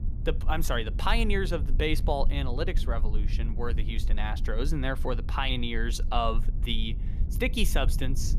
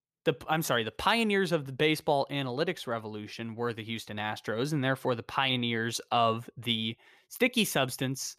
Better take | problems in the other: second | low rumble; noticeable; throughout; 15 dB below the speech

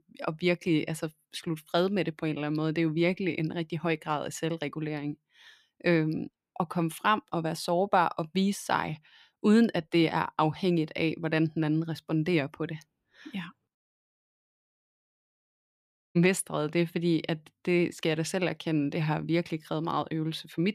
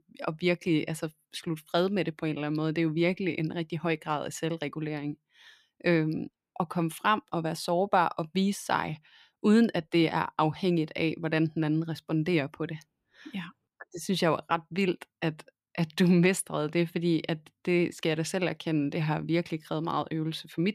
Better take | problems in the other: second | audio cutting out; at 14 s for 2.5 s

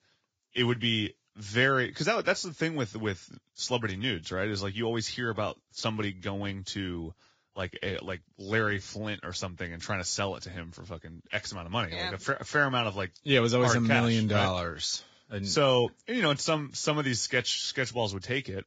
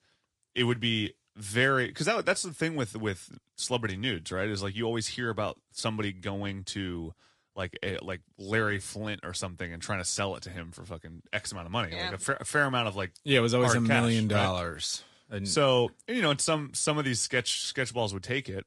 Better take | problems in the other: second | garbled, watery; badly; nothing above 7.5 kHz; slightly in the second

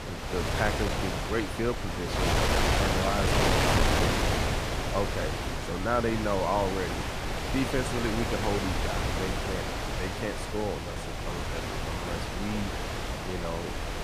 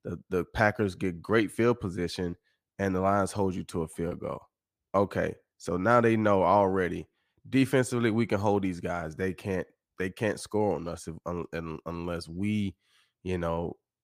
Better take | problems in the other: second | wind noise on the microphone; heavy; 3 dB above the speech

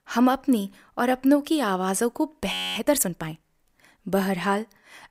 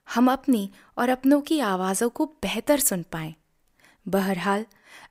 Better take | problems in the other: second | audio freezing; at 2.5 s

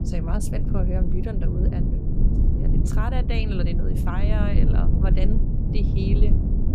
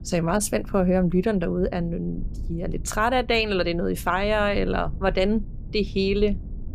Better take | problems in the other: second | low rumble; loud; throughout; 1 dB below the speech; faint in the second

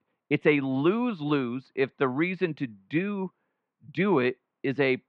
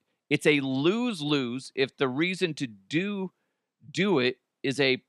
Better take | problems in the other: second | muffled; very; fading above 2.5 kHz

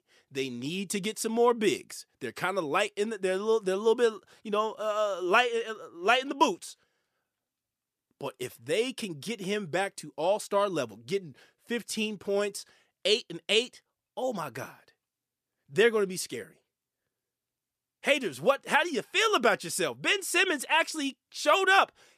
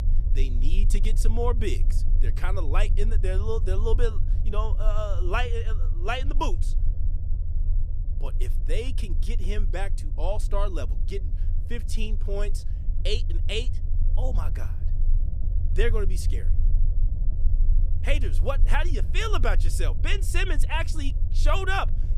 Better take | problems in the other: first | low rumble; noticeable; throughout; 15 dB below the speech

